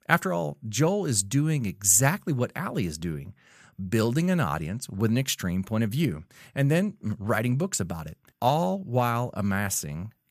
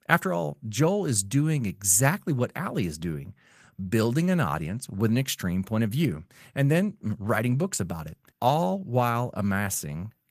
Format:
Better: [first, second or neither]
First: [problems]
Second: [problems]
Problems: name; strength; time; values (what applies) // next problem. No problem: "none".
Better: first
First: none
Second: garbled, watery; slightly; nothing above 14.5 kHz